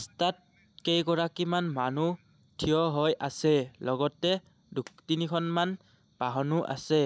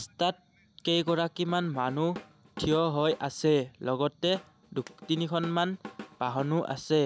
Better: first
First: none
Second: background sound (Drum / Drum kit); 17 dB below the speech

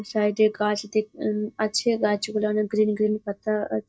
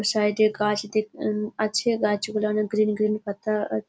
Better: second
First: noise reduction (neural mask model DeepFilterNet 3)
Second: none

